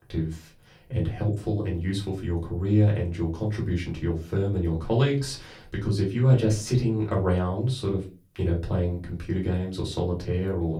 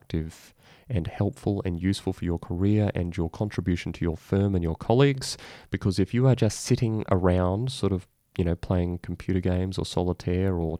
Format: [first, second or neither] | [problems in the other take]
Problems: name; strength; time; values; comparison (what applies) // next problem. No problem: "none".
second | off-mic speech; far // room echo; very slight; dies away in 0.2 s